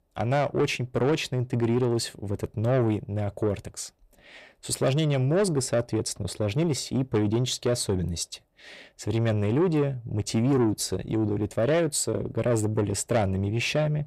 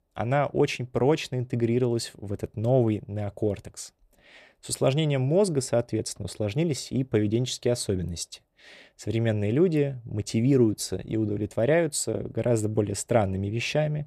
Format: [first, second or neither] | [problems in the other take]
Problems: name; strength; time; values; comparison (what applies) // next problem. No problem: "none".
second | distortion; slight; 10 dB below the speech